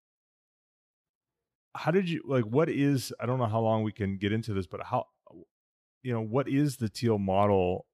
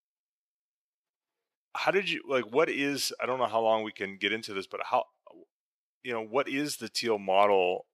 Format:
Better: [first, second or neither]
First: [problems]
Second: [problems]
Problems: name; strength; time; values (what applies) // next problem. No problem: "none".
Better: first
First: none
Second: thin; somewhat; fading below 450 Hz